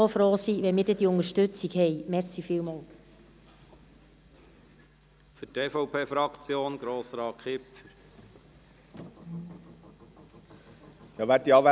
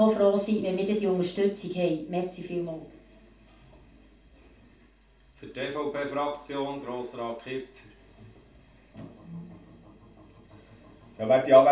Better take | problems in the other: first | room echo; dies away in 0.3 s

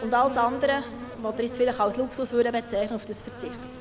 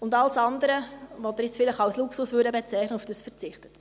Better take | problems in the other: second | background sound (Insect); 12 dB below the speech

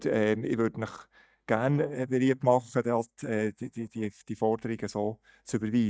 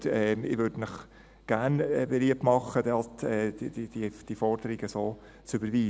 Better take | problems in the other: second | noise reduction (neural mask model DeepFilterNet 3)

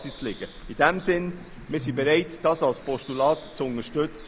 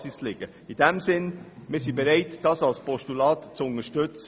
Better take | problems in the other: second | background sound (Bird); 18 dB below the speech

